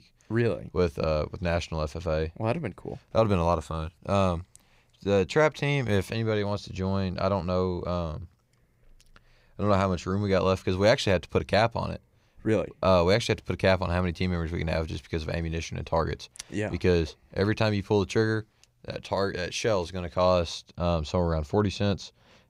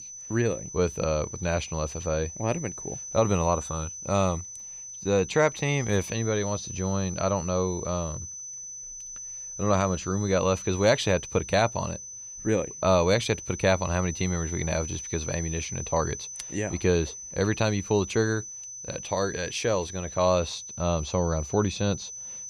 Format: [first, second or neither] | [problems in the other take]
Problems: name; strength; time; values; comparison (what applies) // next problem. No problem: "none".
first | high-pitched whine; loud; throughout; 6 kHz, 9 dB below the speech